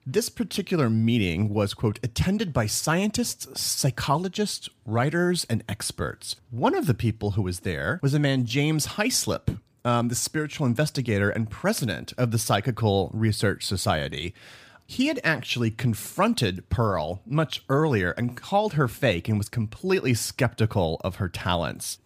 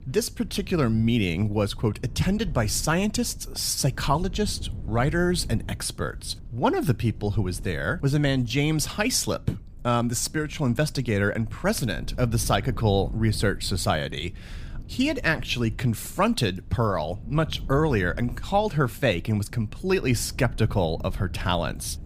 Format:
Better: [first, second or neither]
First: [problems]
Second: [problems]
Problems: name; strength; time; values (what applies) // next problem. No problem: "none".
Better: first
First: none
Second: low rumble; faint; throughout; 25 dB below the speech